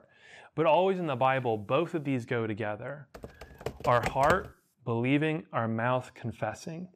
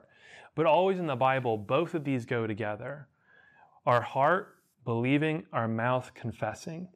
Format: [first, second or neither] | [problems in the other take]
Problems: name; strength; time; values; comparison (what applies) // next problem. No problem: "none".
second | keyboard typing; noticeable; from 3 to 4.5 s; peak 4 dB below the speech